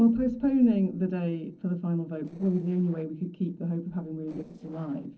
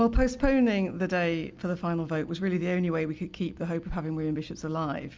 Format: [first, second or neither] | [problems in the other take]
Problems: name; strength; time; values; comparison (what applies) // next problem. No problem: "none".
second | noise reduction (neural separator model SepFormer DNS4)